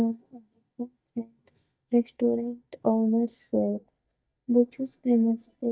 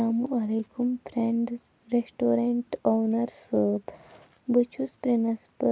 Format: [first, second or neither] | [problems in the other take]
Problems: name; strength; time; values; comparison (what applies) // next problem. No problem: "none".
second | noise reduction (neural mask model DeepFilterNet 3)